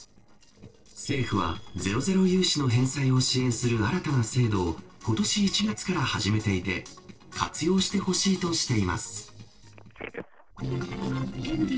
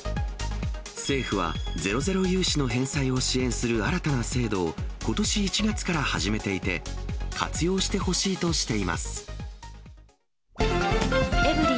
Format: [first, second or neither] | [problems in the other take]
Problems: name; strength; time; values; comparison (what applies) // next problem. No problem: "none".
second | noise reduction (neural separator model SepFormer DNS4)